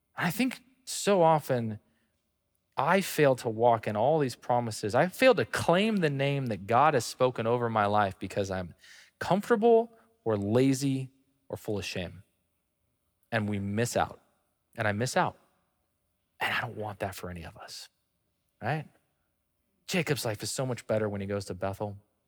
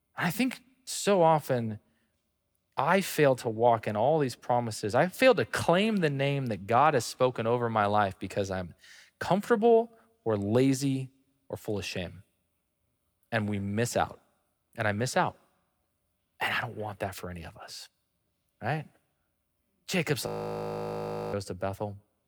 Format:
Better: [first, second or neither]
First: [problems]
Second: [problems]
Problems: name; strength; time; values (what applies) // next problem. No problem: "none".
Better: first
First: none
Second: audio freezing; at 20 s for 1 s